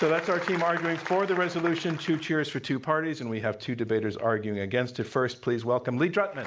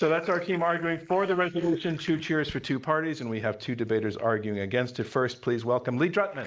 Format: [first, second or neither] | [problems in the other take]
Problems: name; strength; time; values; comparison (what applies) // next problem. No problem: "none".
first | noise reduction (neural mask model Resemble Enhance denoiser)